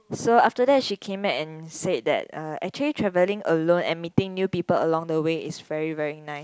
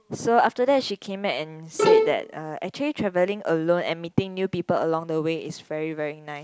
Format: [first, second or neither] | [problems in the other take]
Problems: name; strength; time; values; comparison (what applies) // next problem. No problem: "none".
first | background sound (Bowed string instrument); 3 dB above the speech